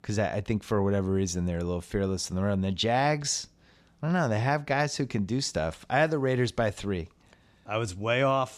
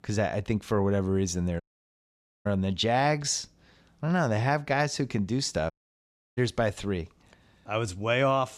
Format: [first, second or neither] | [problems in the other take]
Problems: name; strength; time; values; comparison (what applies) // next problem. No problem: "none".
first | audio cutting out; at 1.5 s for 1 s and at 5.5 s for 0.5 s